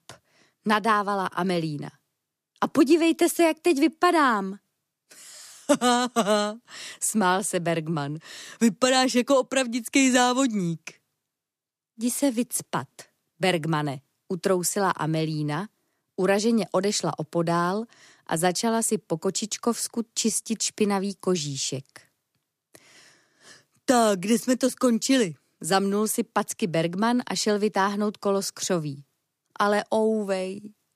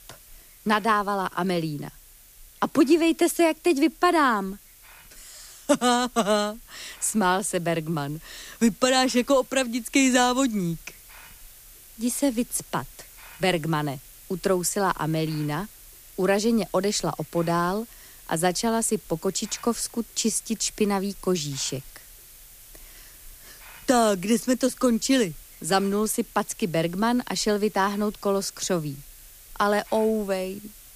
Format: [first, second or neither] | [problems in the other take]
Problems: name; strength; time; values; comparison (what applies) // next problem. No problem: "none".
first | hiss; faint; throughout; 20 dB below the speech